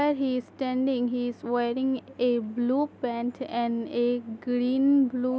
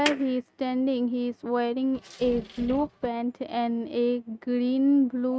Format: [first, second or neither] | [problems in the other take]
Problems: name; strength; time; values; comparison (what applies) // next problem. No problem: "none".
first | noise reduction (neural mask model RNNoise)